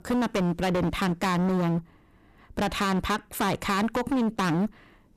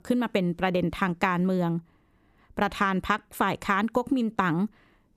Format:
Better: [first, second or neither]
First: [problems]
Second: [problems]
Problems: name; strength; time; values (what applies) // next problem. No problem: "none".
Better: second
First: distortion; heavy; 28% of the sound clipped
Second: none